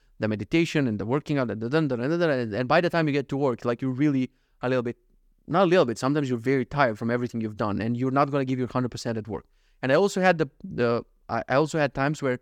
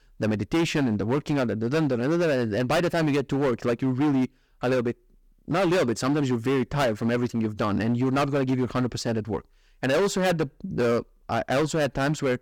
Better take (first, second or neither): first